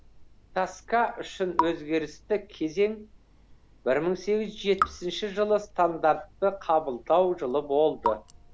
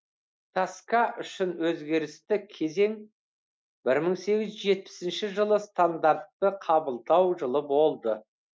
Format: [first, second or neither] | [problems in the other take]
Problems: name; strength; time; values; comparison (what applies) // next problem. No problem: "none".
second | background sound (Raindrop / Drip); 10 dB below the speech